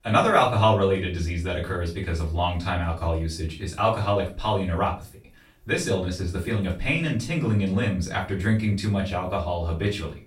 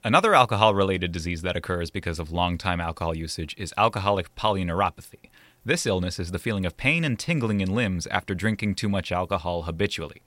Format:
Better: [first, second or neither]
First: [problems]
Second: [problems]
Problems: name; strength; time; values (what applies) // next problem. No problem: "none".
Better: second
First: off-mic speech; far // room echo; slight; dies away in 0.3 s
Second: none